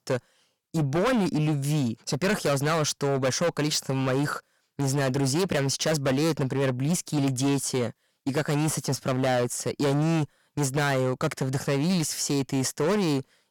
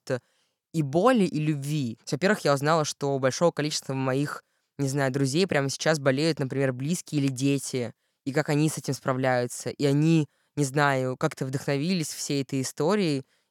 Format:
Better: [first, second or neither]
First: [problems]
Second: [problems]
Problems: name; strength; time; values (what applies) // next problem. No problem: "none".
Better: second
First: distortion; heavy; 19% of the sound clipped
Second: none